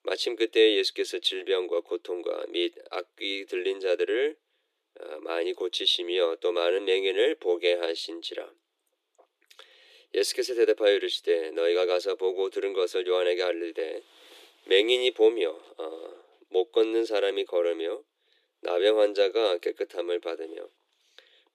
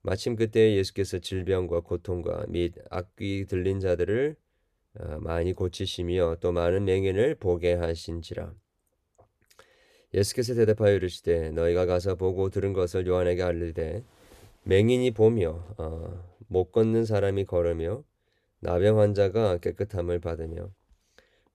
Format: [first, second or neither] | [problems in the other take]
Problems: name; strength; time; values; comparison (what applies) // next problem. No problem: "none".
second | thin; very; fading below 300 Hz